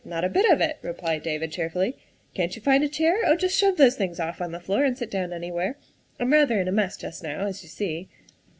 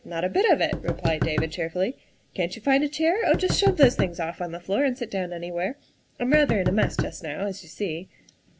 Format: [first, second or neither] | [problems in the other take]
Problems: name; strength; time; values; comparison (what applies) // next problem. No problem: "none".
first | background sound (Knock); 5 dB below the speech